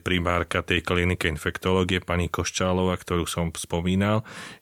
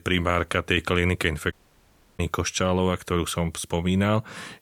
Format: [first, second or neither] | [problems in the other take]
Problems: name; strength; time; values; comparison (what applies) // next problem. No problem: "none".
first | audio cutting out; at 1.5 s for 0.5 s